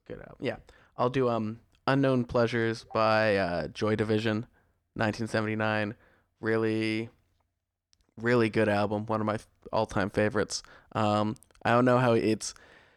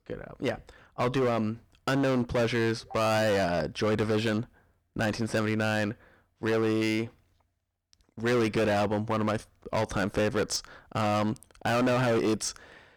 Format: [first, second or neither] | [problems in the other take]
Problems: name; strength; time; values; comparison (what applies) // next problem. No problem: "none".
first | distortion; heavy; 17% of the sound clipped